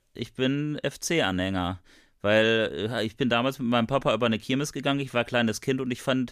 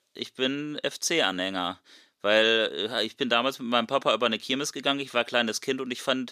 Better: first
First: none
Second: thin; very slightly; fading below 300 Hz

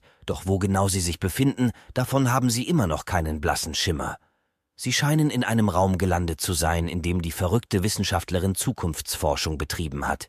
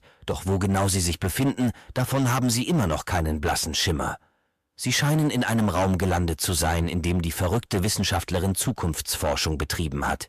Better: first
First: none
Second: distortion; slight; 10% of the sound clipped

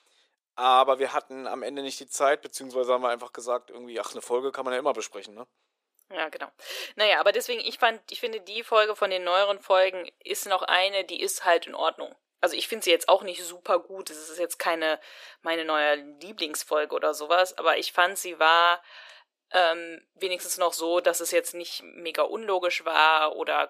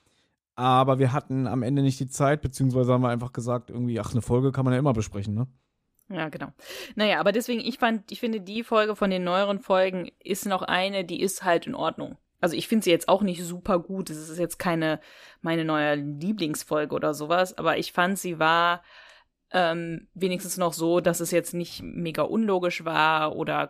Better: second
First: thin; very; fading below 450 Hz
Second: none

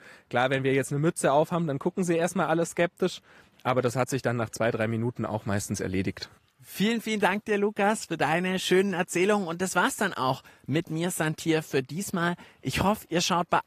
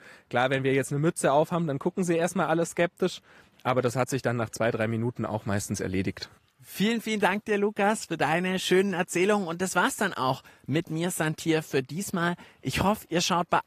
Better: neither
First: garbled, watery; slightly; nothing above 14.5 kHz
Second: garbled, watery; slightly; nothing above 14.5 kHz

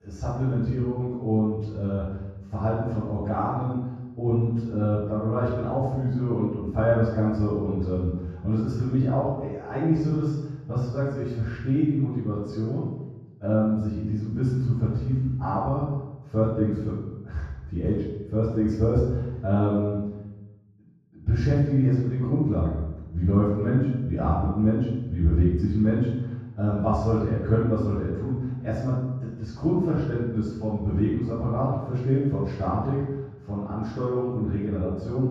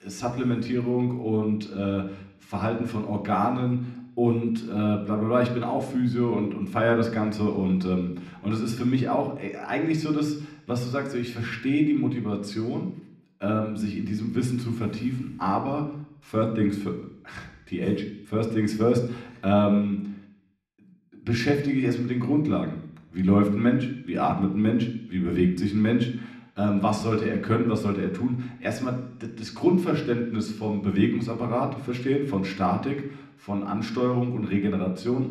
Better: second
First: room echo; strong; dies away in 1.3 s // off-mic speech; far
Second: room echo; slight; dies away in 0.8 s // off-mic speech; somewhat distant

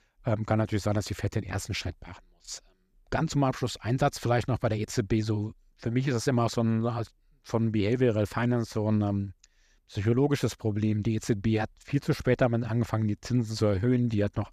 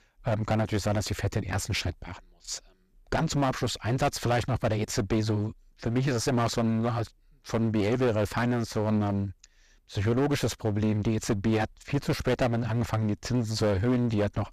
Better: first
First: none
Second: distortion; heavy; 14% of the sound clipped

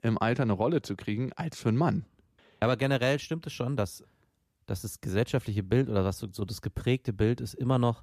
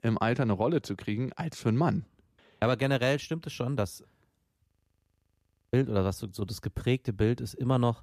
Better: first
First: none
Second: audio freezing; at 4.5 s for 1 s

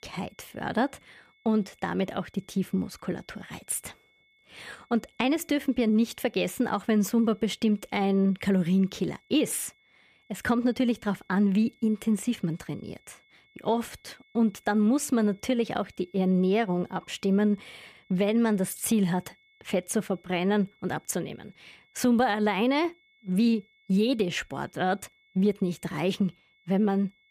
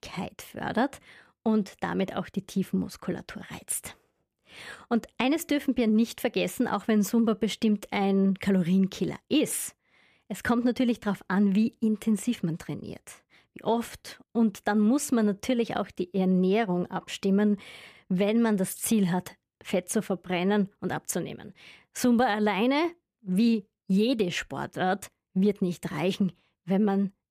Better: second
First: high-pitched whine; faint; throughout; 2 kHz, 35 dB below the speech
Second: none

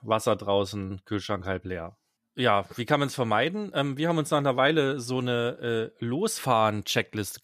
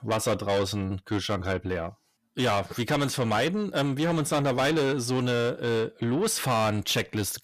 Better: first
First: none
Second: distortion; heavy; 7 dB below the speech

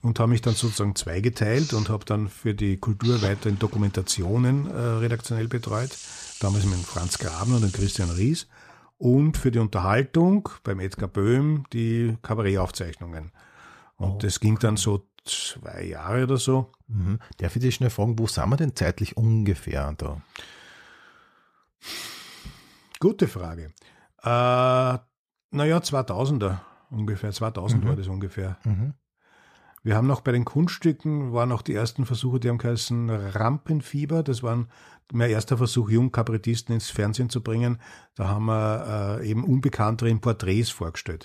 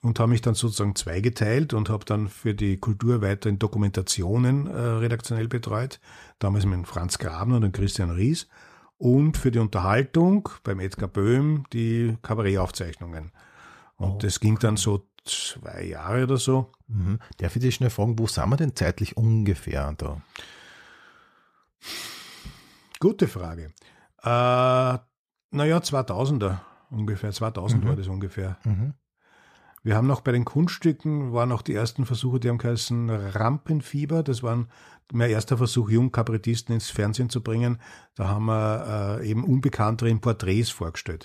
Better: second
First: household noises; noticeable; until 8.5 s; 10 dB below the speech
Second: none

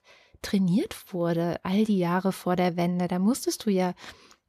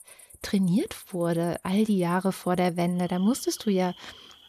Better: first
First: none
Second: animal sounds; faint; throughout; 20 dB below the speech

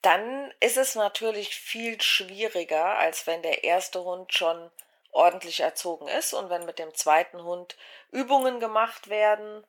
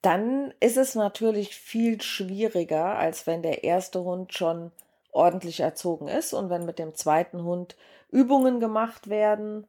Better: second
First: thin; somewhat; fading below 650 Hz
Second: none

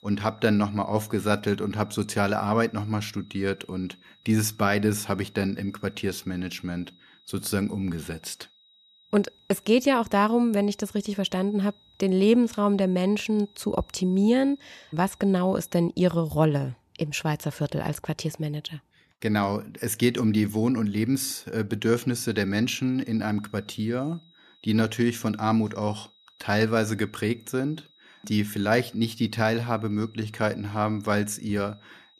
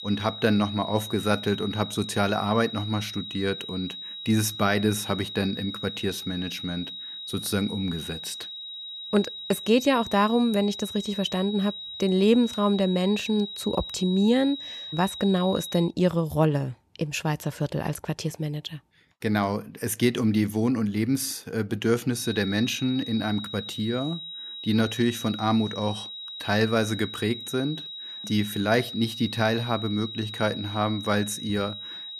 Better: first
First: high-pitched whine; faint; until 16 s and from 22 s on; 4 kHz, 30 dB below the speech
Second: high-pitched whine; loud; until 16 s and from 22 s on; 4 kHz, 9 dB below the speech

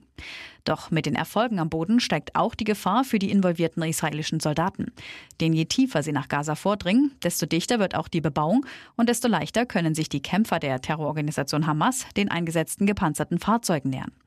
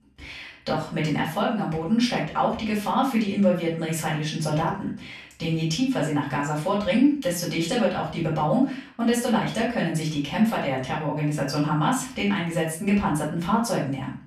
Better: first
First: none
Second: off-mic speech; far // room echo; slight; dies away in 0.4 s

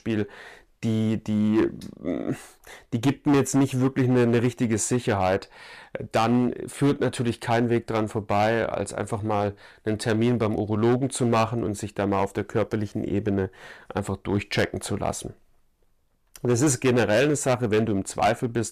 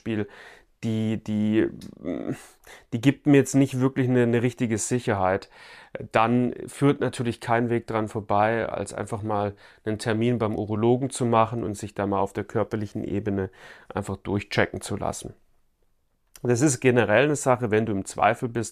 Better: second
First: distortion; slight; 5% of the sound clipped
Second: none

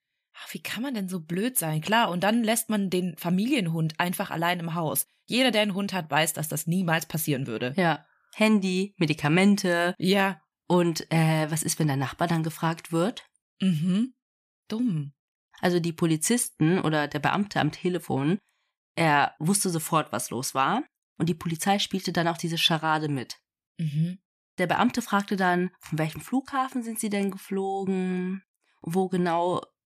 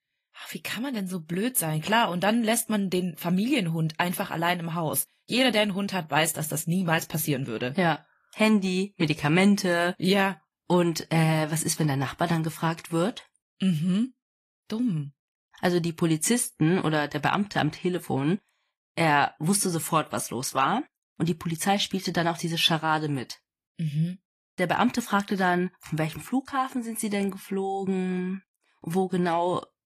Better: first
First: none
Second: garbled, watery; slightly; nothing above 14.5 kHz

